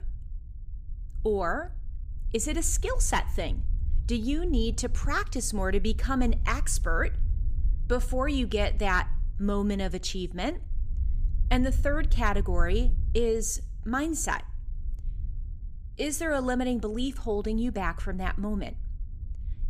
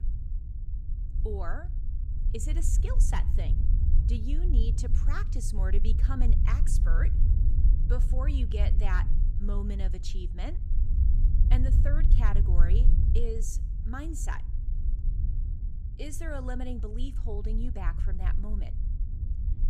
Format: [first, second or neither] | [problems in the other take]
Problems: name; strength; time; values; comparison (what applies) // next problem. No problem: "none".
first | low rumble; loud; throughout; 7 dB below the speech; faint in the first